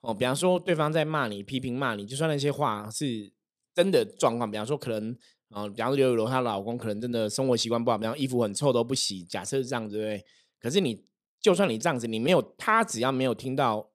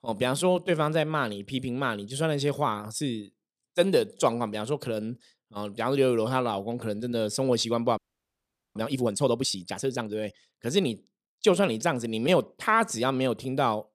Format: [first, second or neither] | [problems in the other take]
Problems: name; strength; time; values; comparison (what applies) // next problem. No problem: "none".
first | audio freezing; at 8 s for 1 s